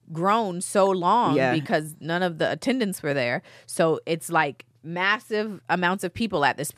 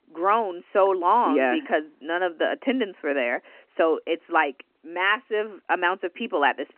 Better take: first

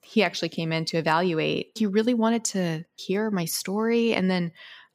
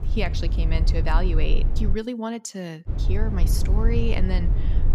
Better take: first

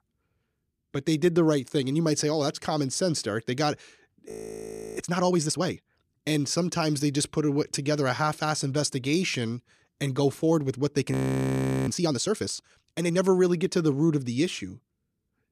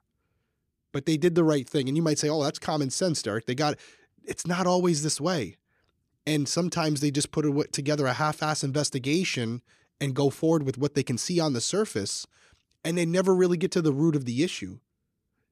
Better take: second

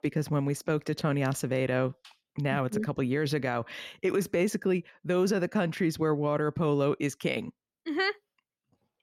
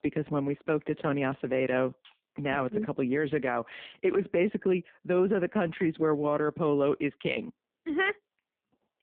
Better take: first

